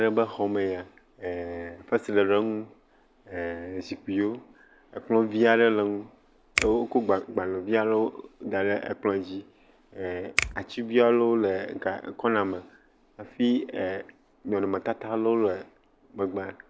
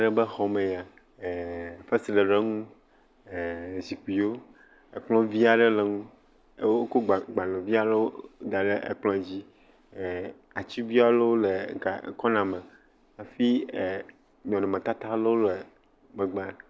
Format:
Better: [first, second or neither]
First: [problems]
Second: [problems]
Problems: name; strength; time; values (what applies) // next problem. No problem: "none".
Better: second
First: background sound (Finger snapping); 8 dB below the speech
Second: none